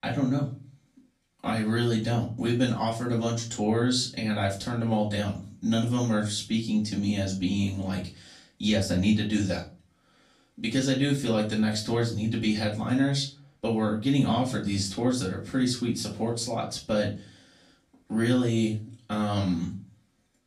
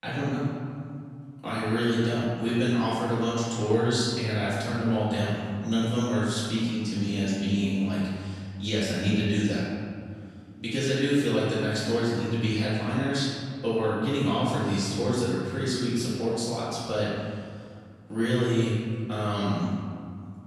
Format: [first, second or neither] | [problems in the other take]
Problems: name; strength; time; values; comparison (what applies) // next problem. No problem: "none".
first | room echo; strong; dies away in 2.1 s; slight in the first // off-mic speech; far; far in the first